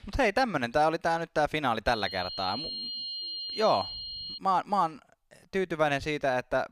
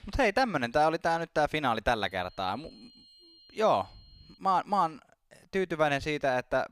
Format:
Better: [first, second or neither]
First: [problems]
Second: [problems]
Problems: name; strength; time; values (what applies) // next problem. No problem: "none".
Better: second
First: high-pitched whine; loud; from 2 to 4.5 s; 4 kHz, 7 dB below the speech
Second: high-pitched whine; faint; from 2 to 4.5 s; 4 kHz, 25 dB below the speech